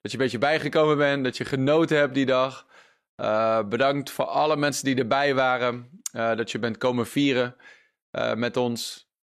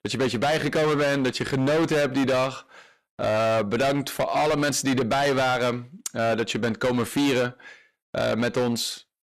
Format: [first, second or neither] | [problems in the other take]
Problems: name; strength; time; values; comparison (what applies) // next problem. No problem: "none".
first | distortion; heavy; 20% of the sound clipped